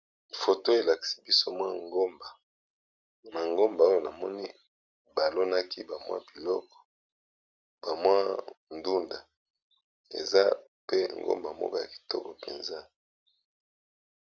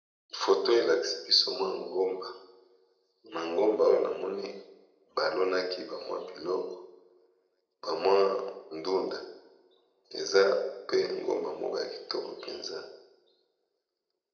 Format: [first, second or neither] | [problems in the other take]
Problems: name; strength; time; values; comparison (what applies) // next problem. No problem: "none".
first | room echo; dies away in 0.7 s